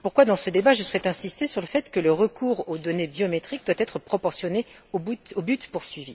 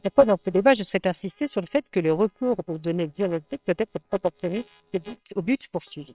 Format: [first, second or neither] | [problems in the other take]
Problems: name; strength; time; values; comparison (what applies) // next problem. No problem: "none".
first | noise reduction (neural separator model SepFormer WHAMR!)